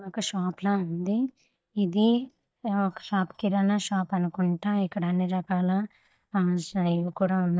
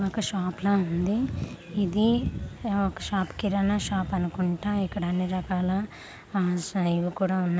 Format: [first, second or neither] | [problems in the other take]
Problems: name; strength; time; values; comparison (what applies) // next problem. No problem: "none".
second | noise reduction (neural mask model DeepFilterNet 3)